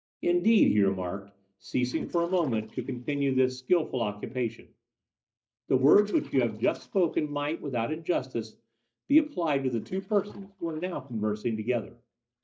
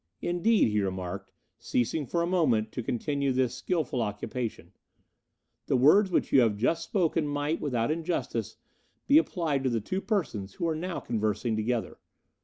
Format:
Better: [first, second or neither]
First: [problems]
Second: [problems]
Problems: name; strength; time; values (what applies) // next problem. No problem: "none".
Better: second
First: noise reduction (neural mask model DeepFilterNet 3)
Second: none